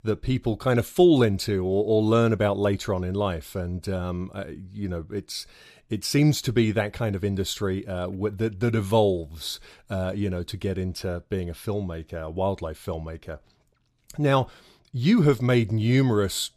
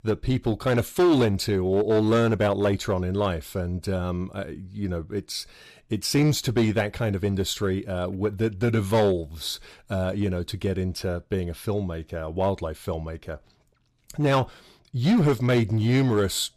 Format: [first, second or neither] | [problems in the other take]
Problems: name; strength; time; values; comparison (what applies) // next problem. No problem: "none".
first | distortion; slight; 5% of the sound clipped